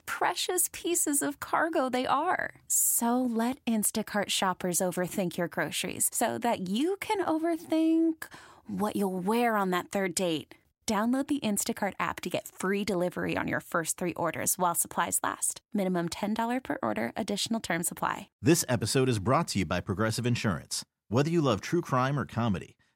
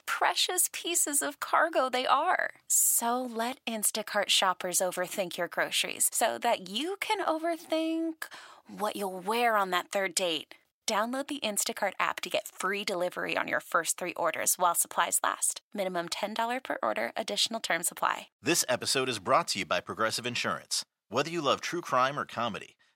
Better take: first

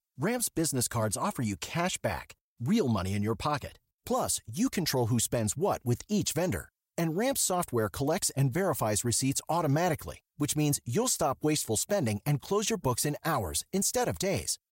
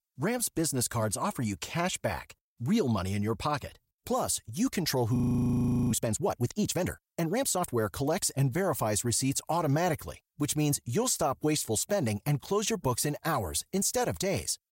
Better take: first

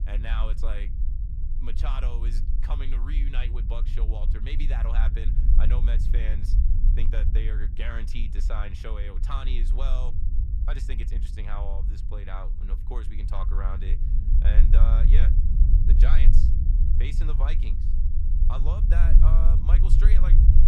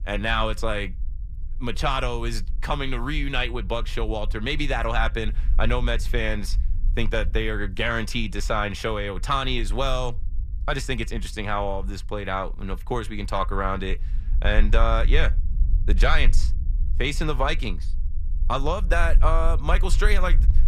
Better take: second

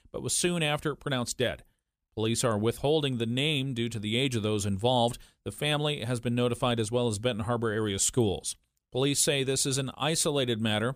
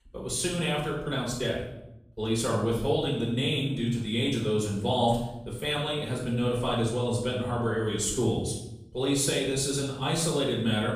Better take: first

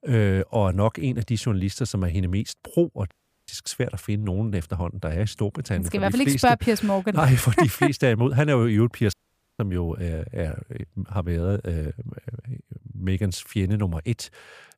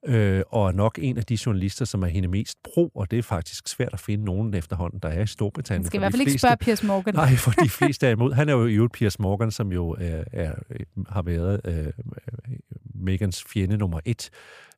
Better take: second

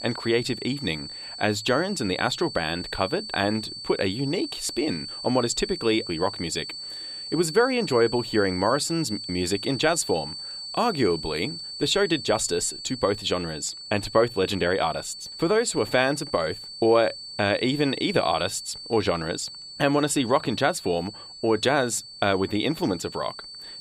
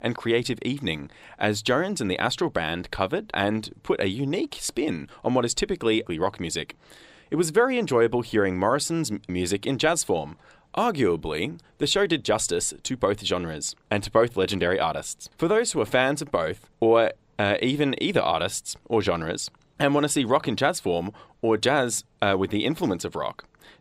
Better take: second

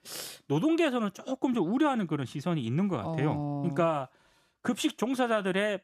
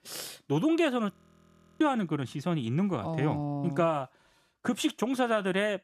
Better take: first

